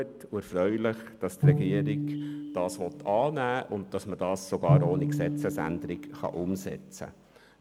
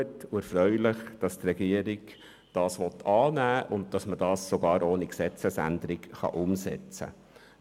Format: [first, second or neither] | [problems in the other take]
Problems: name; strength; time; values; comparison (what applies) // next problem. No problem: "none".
second | background sound (Bowed string instrument); 1 dB above the speech